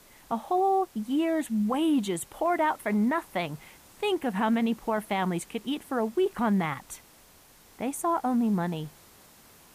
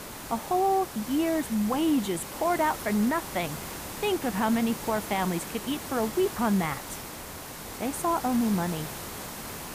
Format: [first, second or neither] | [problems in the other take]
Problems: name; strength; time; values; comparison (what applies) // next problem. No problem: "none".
first | hiss; loud; throughout; 9 dB below the speech; faint in the first